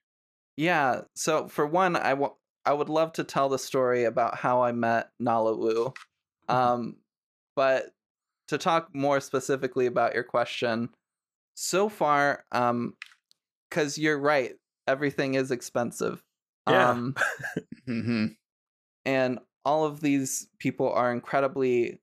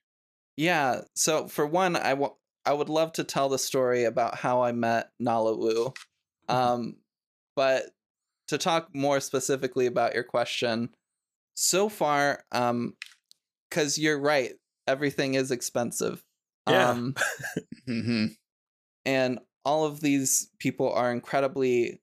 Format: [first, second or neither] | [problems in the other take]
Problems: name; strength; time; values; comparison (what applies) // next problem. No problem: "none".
second | muffled; very slightly; fading above 3.5 kHz